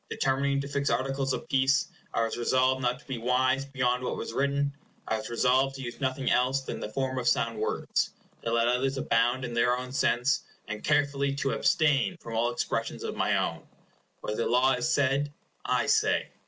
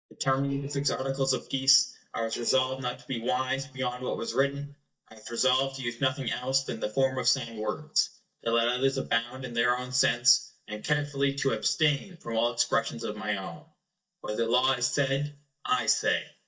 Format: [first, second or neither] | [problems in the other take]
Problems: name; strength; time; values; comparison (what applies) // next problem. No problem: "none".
first | noise reduction (neural mask model DeepFilterNet 3)